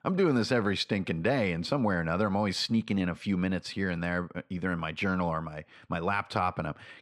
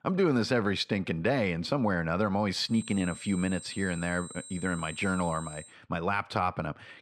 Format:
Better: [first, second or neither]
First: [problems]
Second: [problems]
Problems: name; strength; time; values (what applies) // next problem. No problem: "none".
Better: first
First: none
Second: high-pitched whine; noticeable; from 2.5 to 5.5 s; 8.5 kHz, 15 dB below the speech